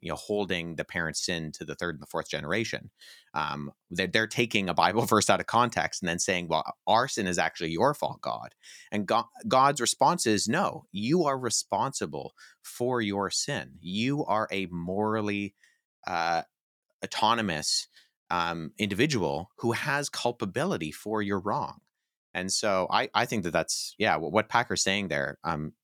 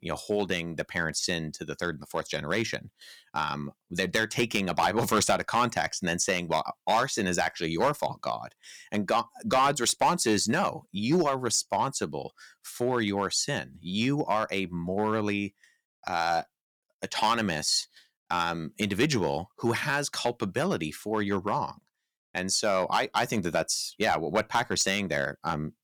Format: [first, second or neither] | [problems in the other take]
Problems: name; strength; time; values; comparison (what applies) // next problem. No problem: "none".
first | distortion; slight; 2% of the sound clipped